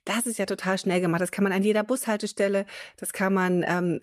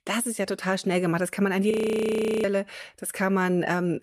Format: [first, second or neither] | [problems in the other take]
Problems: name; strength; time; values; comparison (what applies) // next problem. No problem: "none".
first | audio freezing; at 1.5 s for 0.5 s